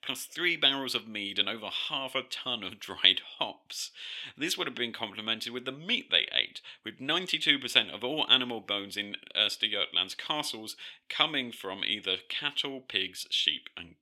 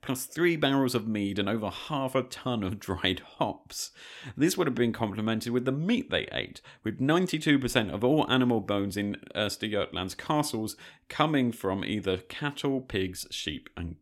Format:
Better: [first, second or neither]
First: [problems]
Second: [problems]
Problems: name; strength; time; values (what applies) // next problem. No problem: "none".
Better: second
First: thin; somewhat; fading below 500 Hz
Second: none